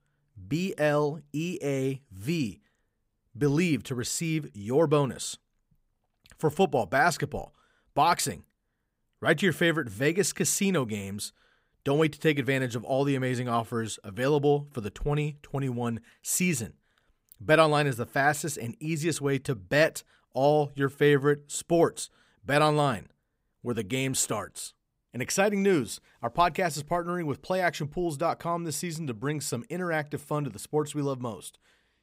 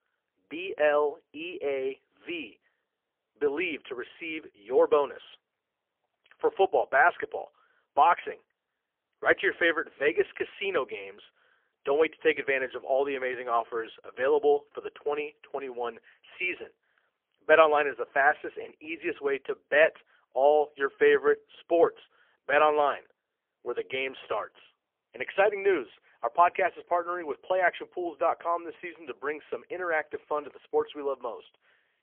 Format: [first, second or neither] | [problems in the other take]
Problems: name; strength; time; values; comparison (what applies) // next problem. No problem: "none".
first | phone-call audio; poor line; nothing above 3 kHz